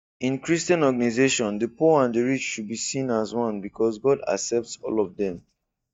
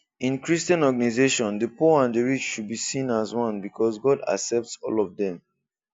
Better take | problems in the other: second | noise reduction (neural mask model DeepFilterNet 3)

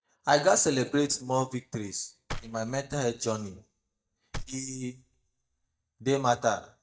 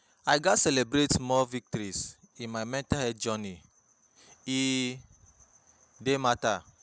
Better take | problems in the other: second | noise reduction (neural mask model DeepFilterNet 3)

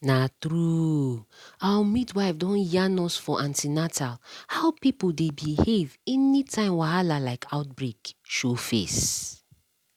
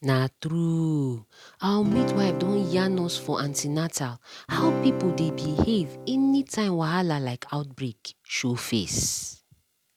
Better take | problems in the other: first | background sound (Acoustic guitar / Strum); 4 dB below the speech

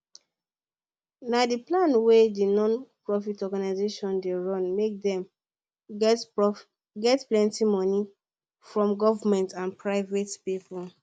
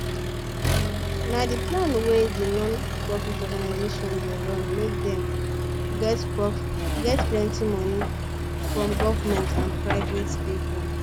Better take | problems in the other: first | background sound (Accelerating, revving, vroom); 2 dB above the speech

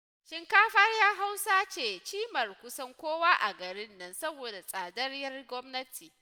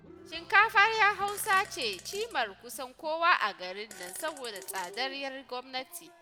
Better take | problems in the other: first | background sound (Cheering + Fart); 20 dB below the speech

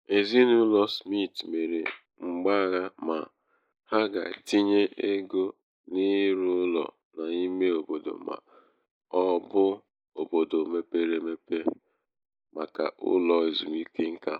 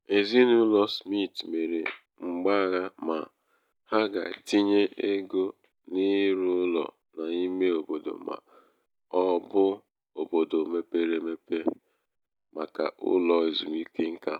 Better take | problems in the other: second | noise reduction (neural mask model Resemble Enhance denoiser)

